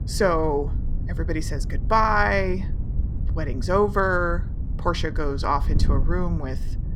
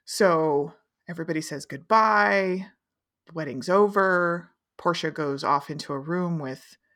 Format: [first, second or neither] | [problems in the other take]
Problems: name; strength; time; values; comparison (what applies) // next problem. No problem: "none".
second | wind noise on the microphone; occasional gusts; 20 dB below the speech